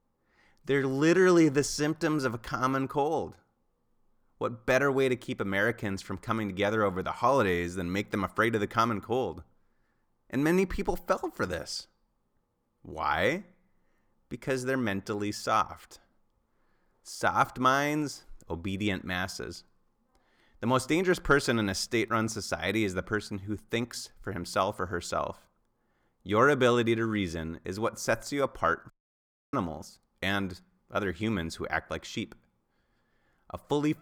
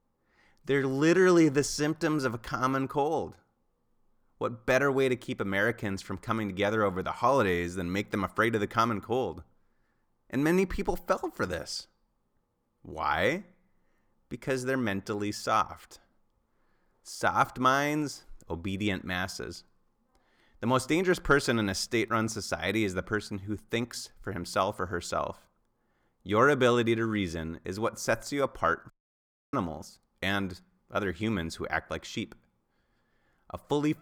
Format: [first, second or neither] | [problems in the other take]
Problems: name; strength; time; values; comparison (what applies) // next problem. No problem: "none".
neither | audio cutting out; at 29 s for 0.5 s; the same in both